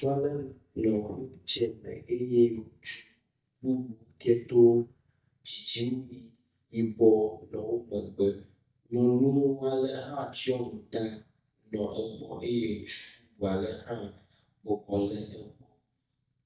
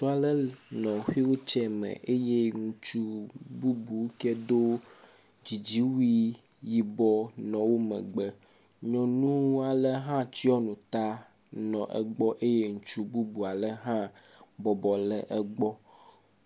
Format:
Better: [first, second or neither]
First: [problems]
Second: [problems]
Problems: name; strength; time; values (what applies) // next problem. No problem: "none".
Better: second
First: noise reduction (neural mask model DeepFilterNet 3)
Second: none